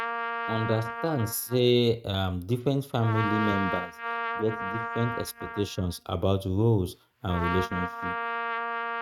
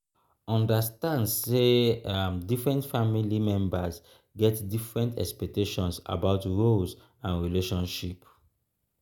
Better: second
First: noise reduction (neural mask model RNNoise)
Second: none

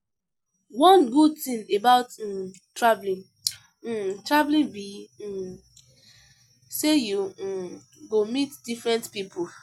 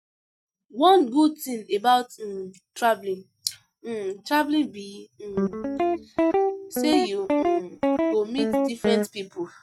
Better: first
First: none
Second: noise reduction (neural mask model RNNoise)

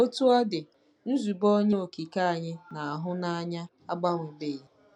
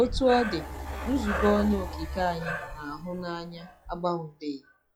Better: first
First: none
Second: noise reduction (classical method log-MMSE)

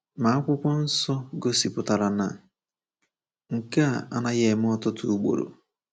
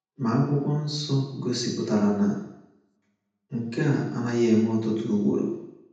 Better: first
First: none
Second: room echo; dies away in 0.8 s

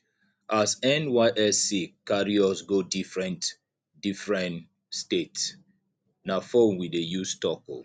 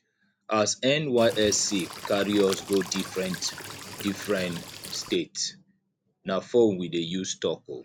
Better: first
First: none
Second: background sound (Cricket / Water); 12 dB below the speech

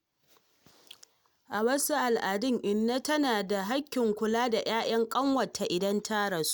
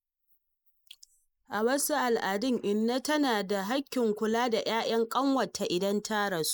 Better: first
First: none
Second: noise reduction (neural mask model Resemble Enhance denoiser)

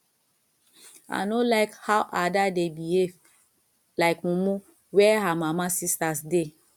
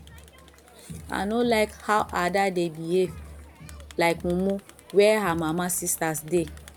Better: first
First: none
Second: background sound (Crowd); 18 dB below the speech

